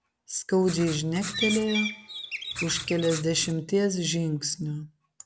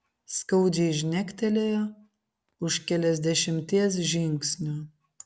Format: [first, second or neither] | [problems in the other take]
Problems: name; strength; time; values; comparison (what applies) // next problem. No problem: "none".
second | background sound (Writing + Bird); 7 dB below the speech